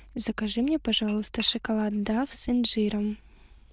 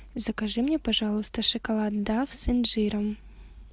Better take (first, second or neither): second